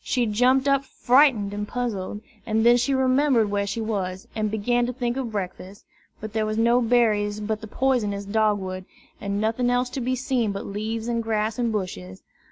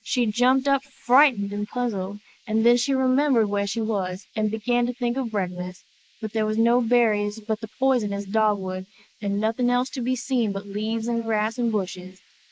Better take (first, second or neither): first